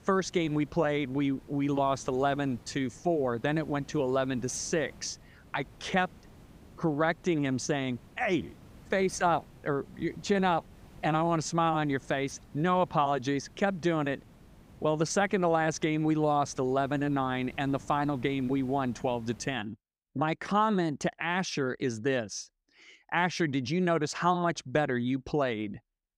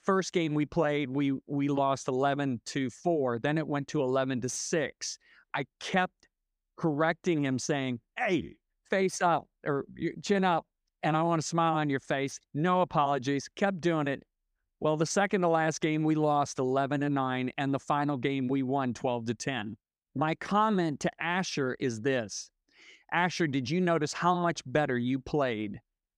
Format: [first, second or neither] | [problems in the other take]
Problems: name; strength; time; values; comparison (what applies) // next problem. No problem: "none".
second | hiss; faint; until 20 s; 25 dB below the speech